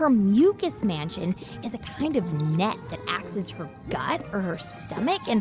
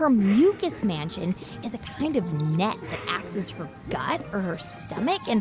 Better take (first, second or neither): first